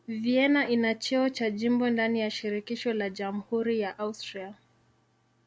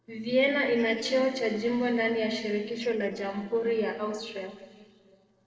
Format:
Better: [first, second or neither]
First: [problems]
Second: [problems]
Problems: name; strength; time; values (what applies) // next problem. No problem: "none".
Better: first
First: none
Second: noise reduction (neural separator model SepFormer DNS4)